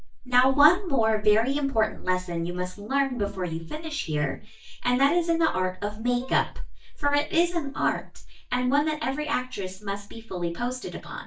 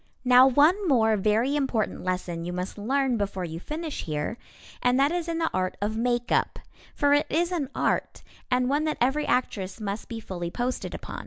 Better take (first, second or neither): second